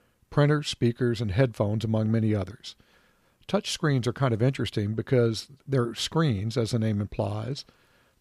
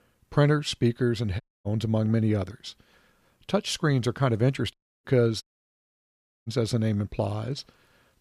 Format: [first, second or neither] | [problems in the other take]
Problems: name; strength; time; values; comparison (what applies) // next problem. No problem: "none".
first | audio cutting out; at 1.5 s, at 4.5 s and at 5.5 s for 1 s